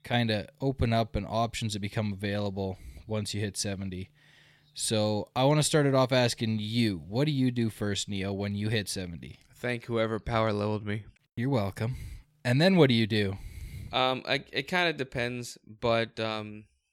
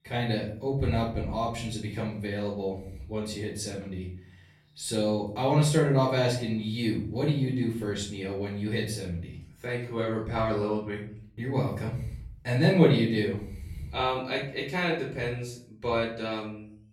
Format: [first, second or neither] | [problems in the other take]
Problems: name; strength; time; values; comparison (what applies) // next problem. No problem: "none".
first | off-mic speech; far // room echo; noticeable; dies away in 0.5 s